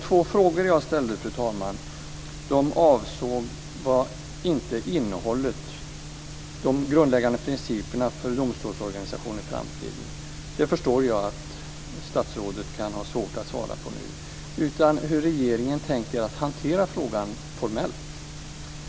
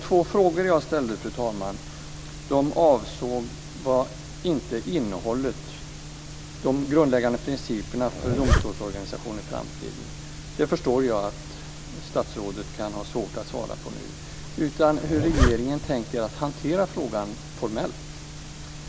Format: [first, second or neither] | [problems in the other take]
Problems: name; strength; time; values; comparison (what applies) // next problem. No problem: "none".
first | background sound (Zipper (clothing)); 1 dB below the speech